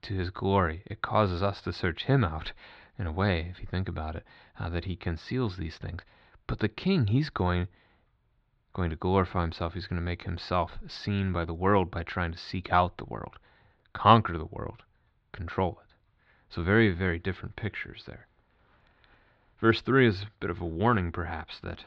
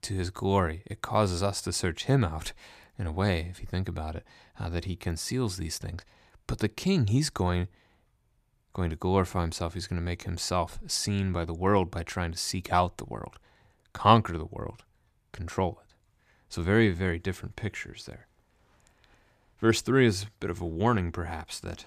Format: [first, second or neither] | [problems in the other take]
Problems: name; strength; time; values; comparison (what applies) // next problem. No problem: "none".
second | muffled; slightly; fading above 4 kHz